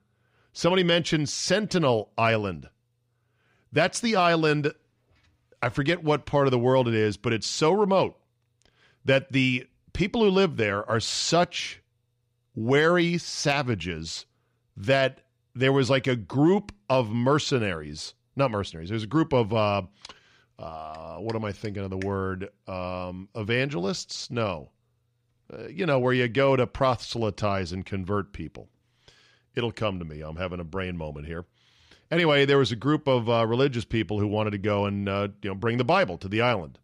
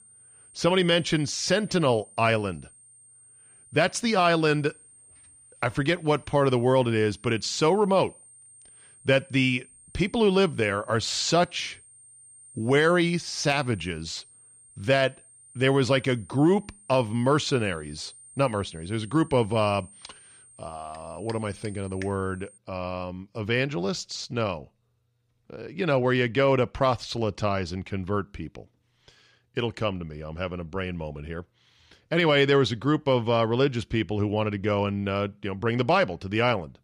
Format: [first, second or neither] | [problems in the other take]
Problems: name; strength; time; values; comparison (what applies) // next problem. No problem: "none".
first | high-pitched whine; faint; until 23 s; 8.5 kHz, 25 dB below the speech